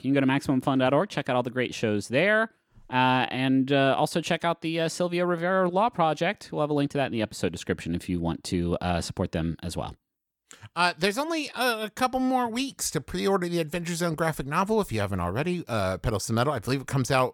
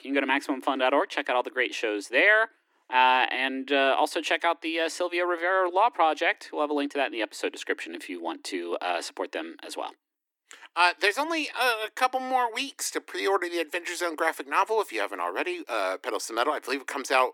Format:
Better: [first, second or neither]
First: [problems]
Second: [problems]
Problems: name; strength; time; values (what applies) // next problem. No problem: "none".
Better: first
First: none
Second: thin; somewhat; fading below 300 Hz